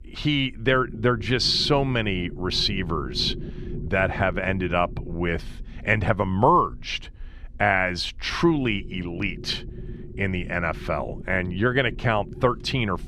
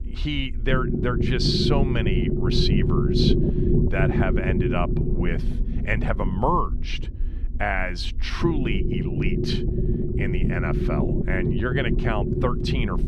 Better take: first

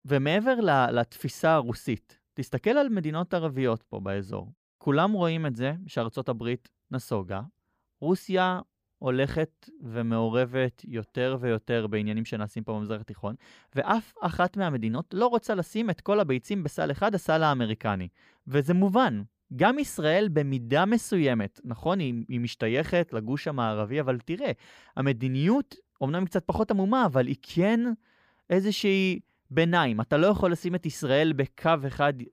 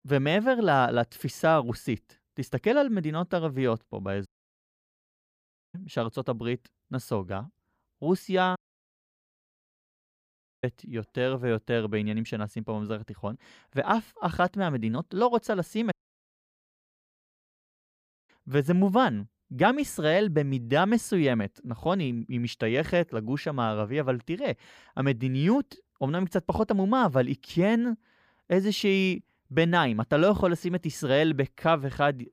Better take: first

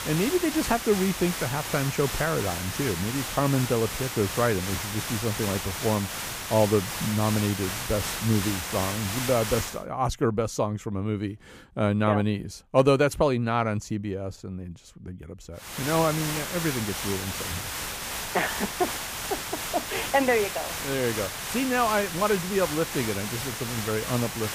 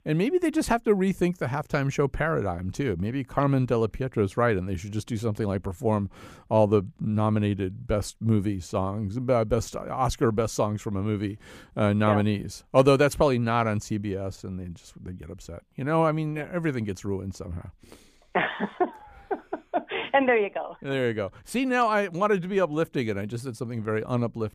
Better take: second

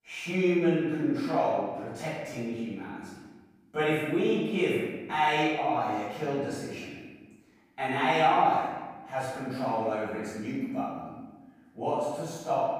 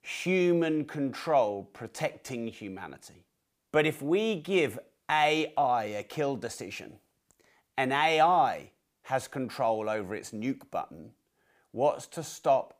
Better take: second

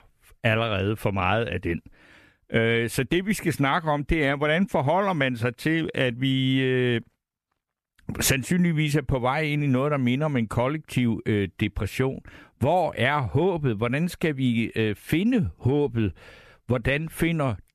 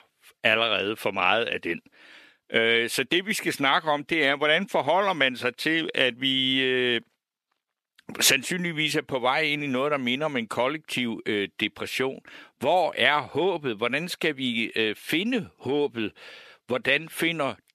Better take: first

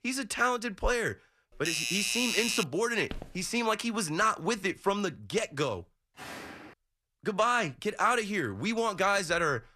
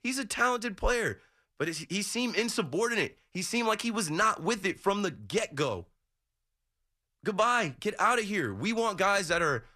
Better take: second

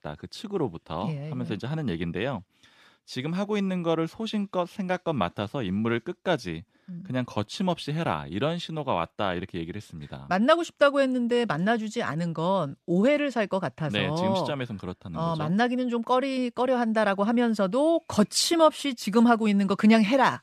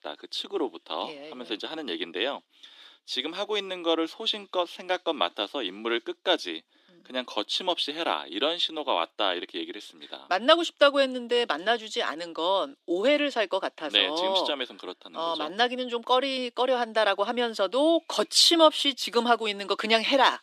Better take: first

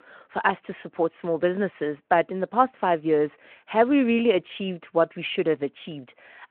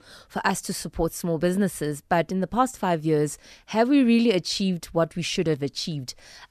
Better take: second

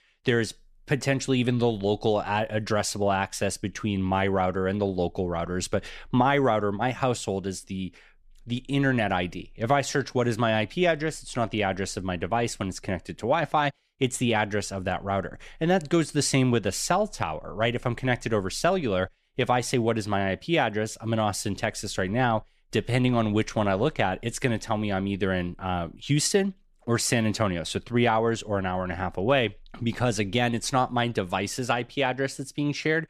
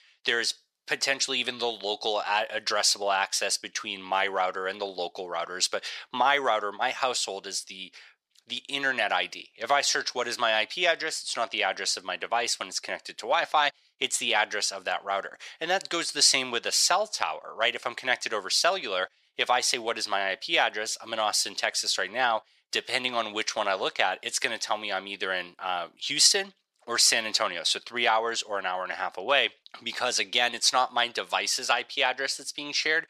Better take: first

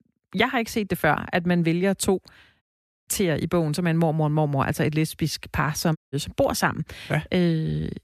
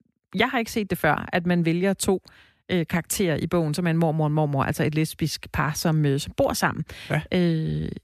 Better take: second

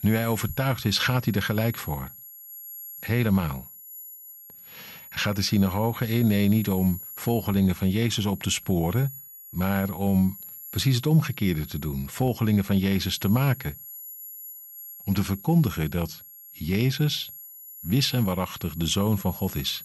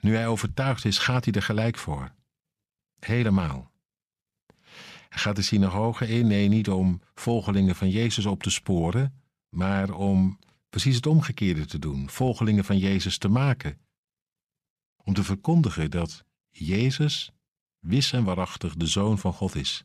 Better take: second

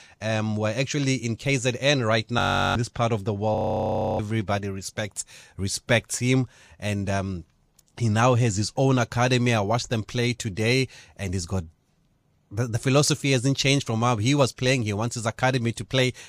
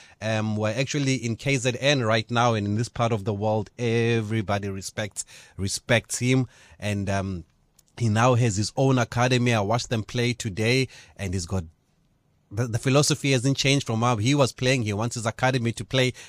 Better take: second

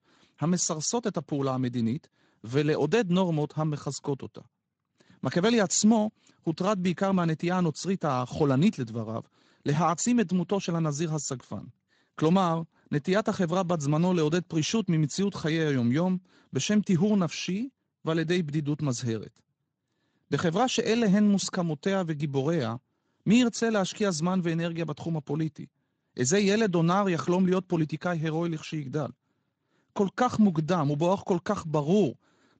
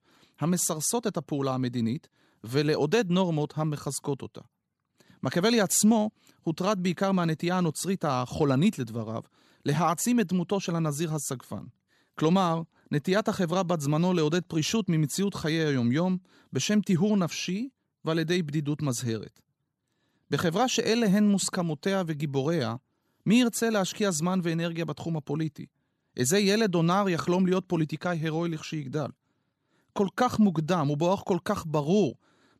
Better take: second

